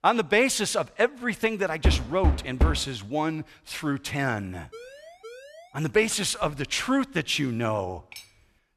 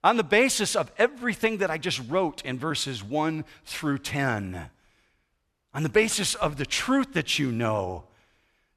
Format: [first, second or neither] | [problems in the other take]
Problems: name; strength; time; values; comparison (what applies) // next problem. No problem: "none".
second | door banging; loud; at 2 s; peak 1 dB above the speech // siren; faint; from 4.5 to 5.5 s; peak 20 dB below the speech // clattering dishes; faint; at 8 s; peak 20 dB below the speech